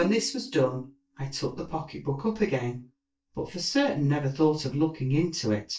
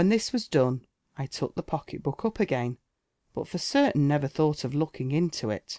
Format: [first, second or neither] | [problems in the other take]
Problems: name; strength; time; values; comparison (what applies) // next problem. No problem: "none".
second | noise reduction (neural mask model DeepFilterNet 3)